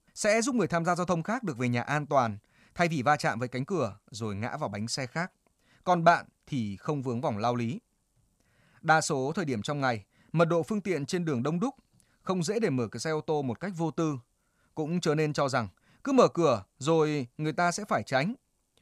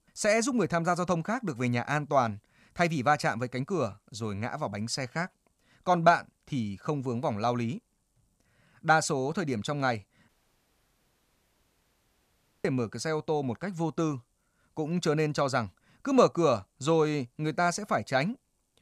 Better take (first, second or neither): first